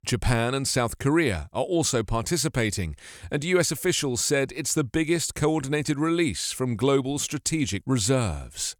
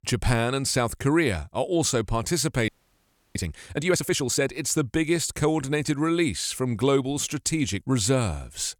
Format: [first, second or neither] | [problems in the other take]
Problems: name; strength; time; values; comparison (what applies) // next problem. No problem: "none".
first | audio freezing; at 2.5 s for 0.5 s